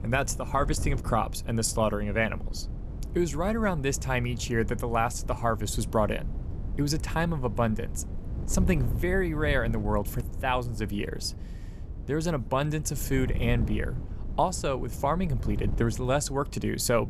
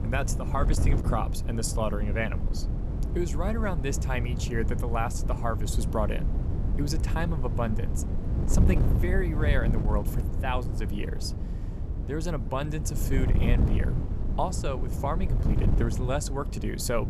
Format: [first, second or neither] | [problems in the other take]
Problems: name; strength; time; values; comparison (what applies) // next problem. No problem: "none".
first | wind noise on the microphone; heavy; 8 dB below the speech; occasional gusts in the first